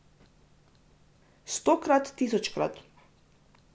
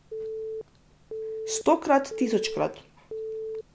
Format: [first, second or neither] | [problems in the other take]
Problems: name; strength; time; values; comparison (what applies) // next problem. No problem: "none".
first | background sound (Telephone); 7 dB below the speech